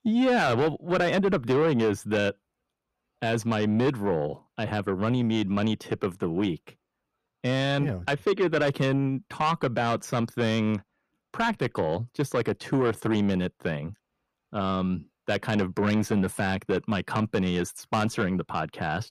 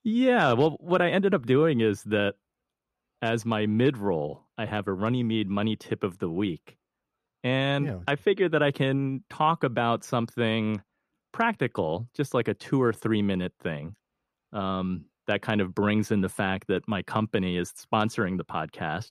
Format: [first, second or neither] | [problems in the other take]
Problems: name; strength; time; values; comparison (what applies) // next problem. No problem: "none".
second | distortion; slight; 10 dB below the speech